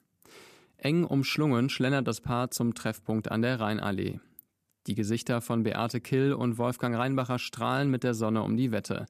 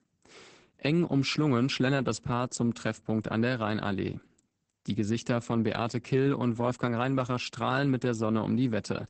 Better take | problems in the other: first | garbled, watery; badly; nothing above 8 kHz

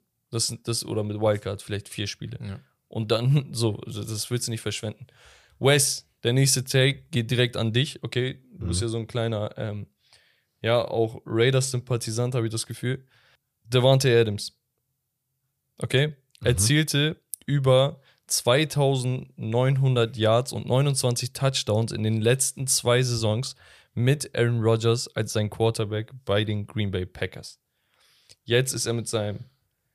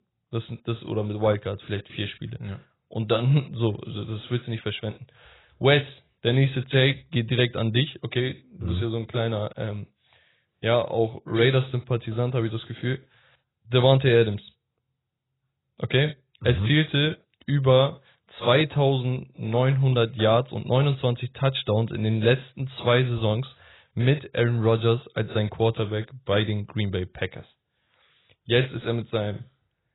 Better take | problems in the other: first | garbled, watery; badly; nothing above 4 kHz

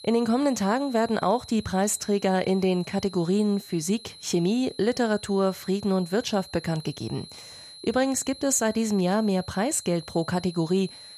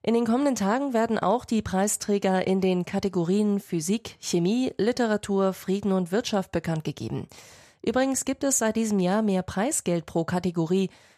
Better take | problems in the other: second | high-pitched whine; noticeable; throughout; 4 kHz, 15 dB below the speech

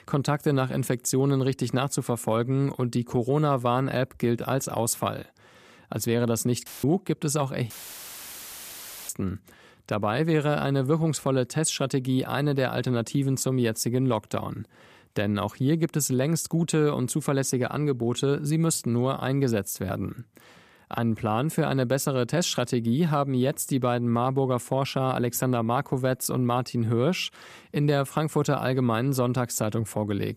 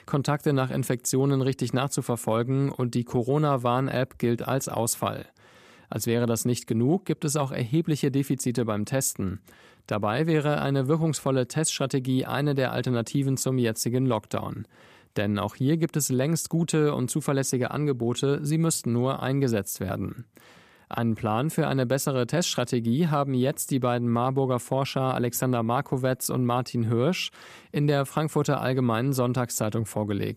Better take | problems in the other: second | audio cutting out; filled with static; at 6.5 s and at 7.5 s for 1.5 s

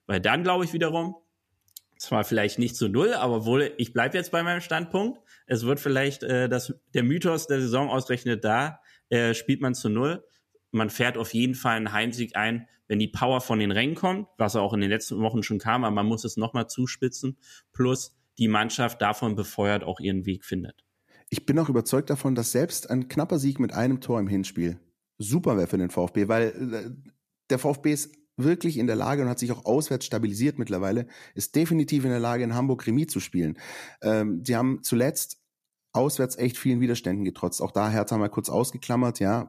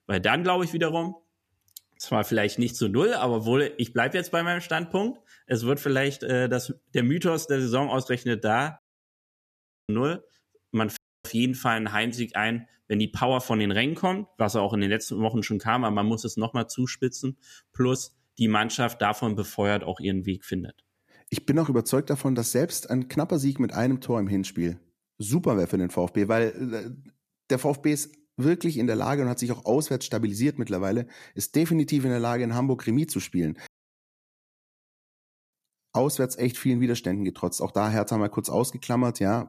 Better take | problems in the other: first | audio cutting out; at 9 s for 1 s, at 11 s and at 34 s for 2 s

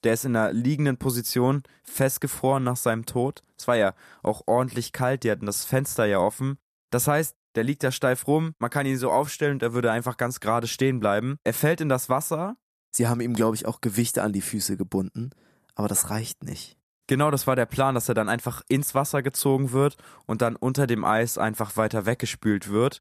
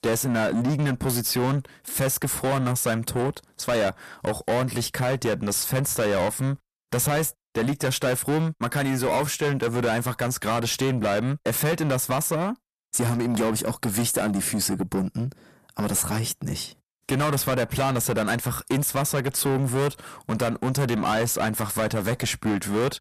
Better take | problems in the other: first | distortion; heavy; 6 dB below the speech

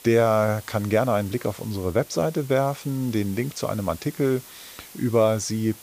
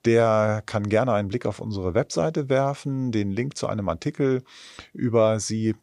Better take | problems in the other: second | hiss; noticeable; throughout; 20 dB below the speech

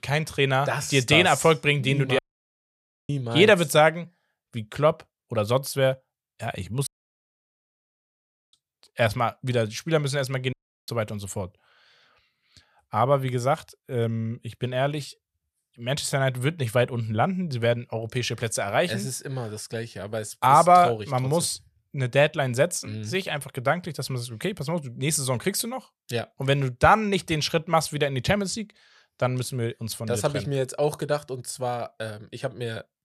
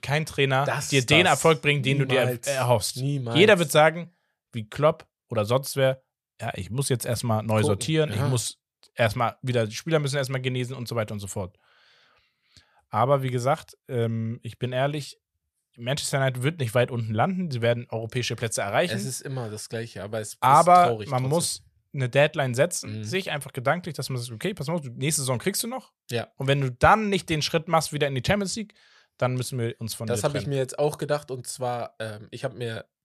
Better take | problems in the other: second | audio cutting out; at 2 s for 1 s, at 7 s for 1.5 s and at 11 s

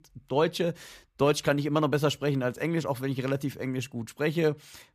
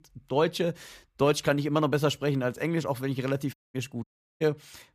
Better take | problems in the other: first | audio cutting out; at 3.5 s and at 4 s

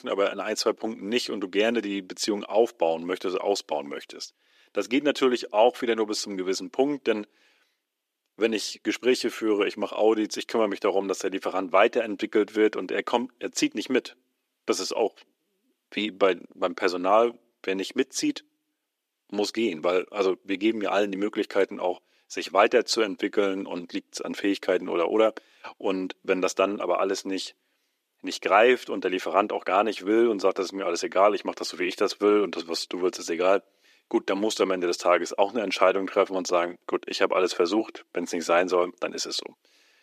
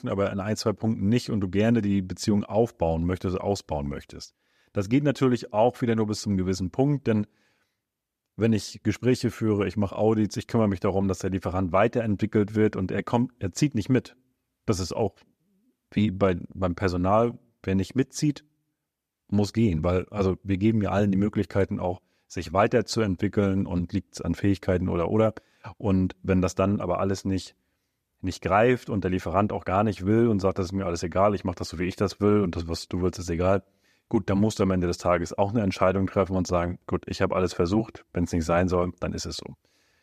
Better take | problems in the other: second | thin; somewhat; fading below 300 Hz

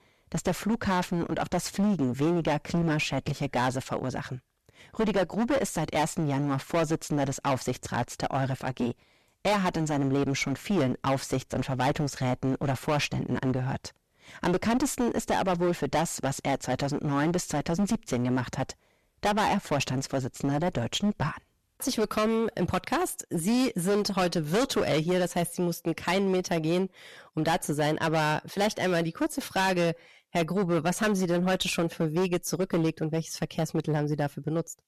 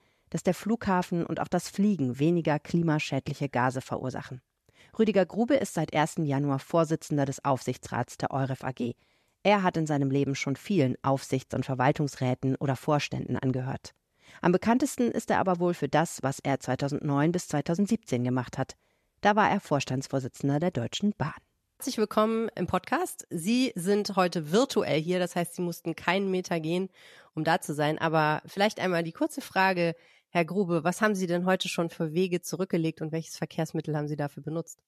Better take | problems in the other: second | distortion; heavy; 15% of the sound clipped

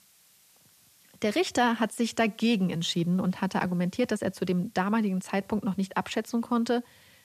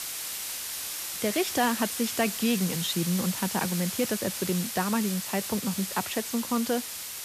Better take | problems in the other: first | hiss; loud; throughout; 3 dB below the speech; faint in the first

